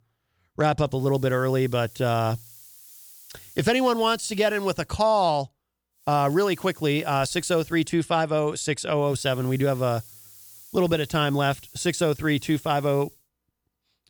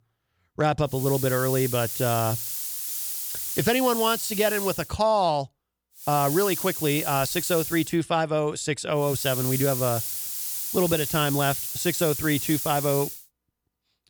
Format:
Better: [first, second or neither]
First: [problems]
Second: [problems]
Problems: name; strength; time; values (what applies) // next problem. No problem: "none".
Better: first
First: hiss; faint; from 1 to 5 s, from 6 to 8 s and from 9 to 13 s; 20 dB below the speech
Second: hiss; loud; from 1 to 5 s, from 6 to 8 s and from 9 to 13 s; 4 dB below the speech